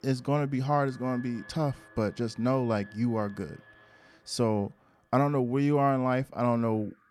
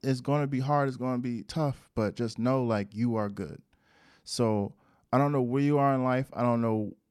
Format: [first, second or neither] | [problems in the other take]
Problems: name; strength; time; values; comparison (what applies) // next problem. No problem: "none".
second | alarms or sirens; faint; throughout; 25 dB below the speech